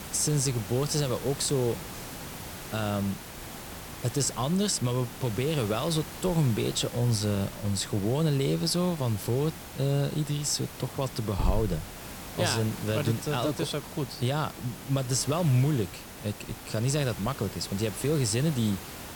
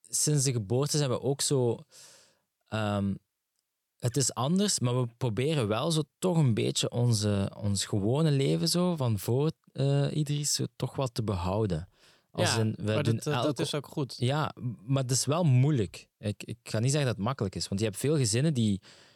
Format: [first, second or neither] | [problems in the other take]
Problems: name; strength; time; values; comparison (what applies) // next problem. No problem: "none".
second | hiss; noticeable; throughout; 10 dB below the speech